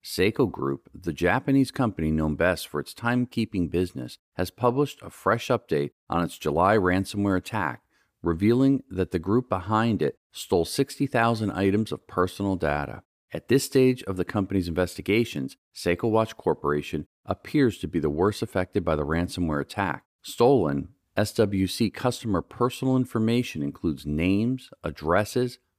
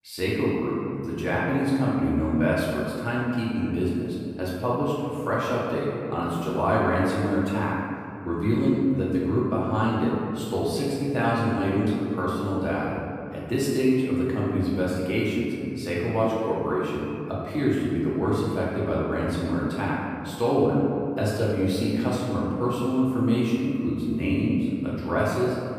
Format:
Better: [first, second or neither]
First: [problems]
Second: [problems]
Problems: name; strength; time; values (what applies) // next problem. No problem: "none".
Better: first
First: none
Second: room echo; strong; dies away in 2.3 s // off-mic speech; far